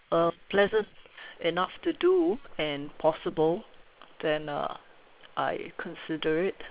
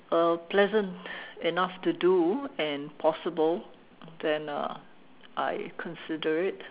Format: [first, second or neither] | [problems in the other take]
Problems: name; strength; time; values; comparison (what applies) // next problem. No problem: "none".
second | noise reduction (neural separator model SepFormer WHAM!)